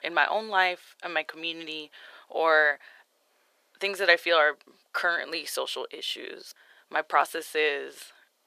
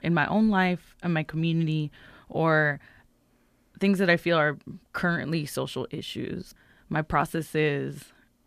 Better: second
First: thin; very; fading below 450 Hz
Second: none

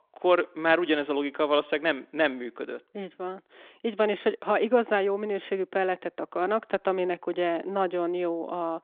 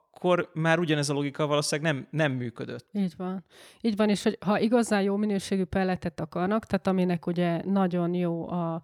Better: second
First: phone-call audio; nothing above 3.5 kHz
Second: none

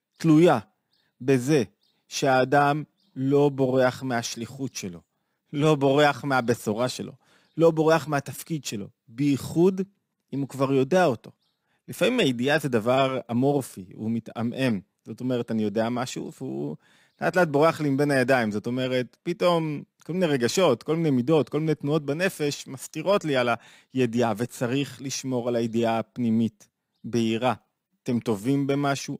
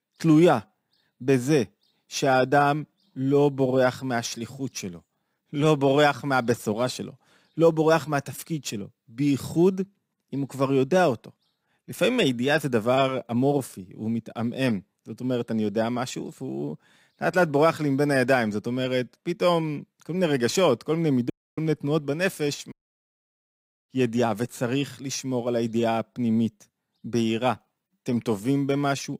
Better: first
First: none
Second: audio cutting out; at 21 s and at 23 s for 1 s

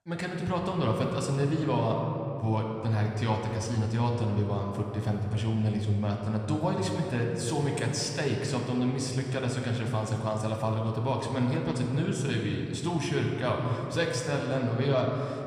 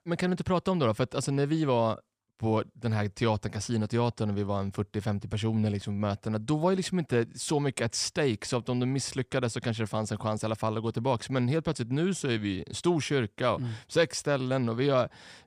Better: second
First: room echo; noticeable; dies away in 2.6 s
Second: none

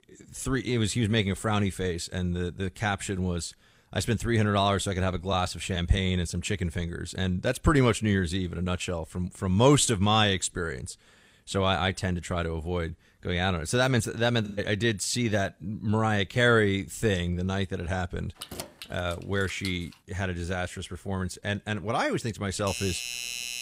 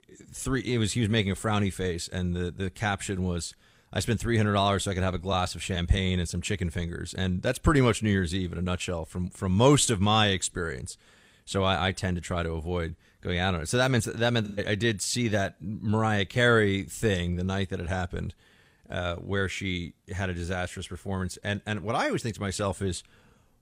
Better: second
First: jangling keys; faint; from 18 to 20 s; peak 10 dB below the speech // doorbell; noticeable; from 23 s on; peak 4 dB below the speech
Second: none

